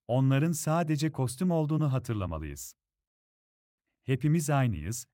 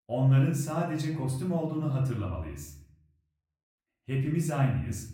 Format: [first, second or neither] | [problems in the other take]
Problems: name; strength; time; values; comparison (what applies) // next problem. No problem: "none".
first | room echo; slight; dies away in 0.6 s // off-mic speech; far